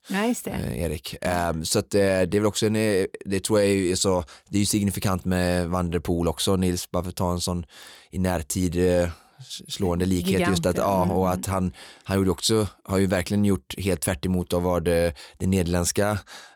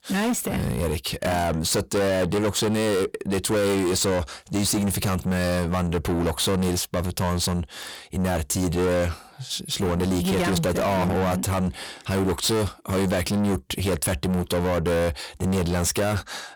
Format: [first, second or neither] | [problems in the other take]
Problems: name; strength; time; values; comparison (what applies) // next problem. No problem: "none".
first | distortion; heavy; 7 dB below the speech